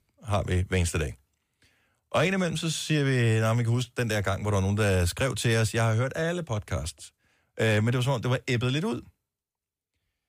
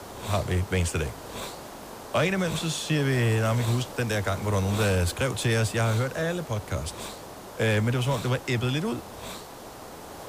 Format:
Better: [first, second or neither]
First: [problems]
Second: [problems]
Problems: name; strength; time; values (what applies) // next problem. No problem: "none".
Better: first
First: none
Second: hiss; noticeable; throughout; 10 dB below the speech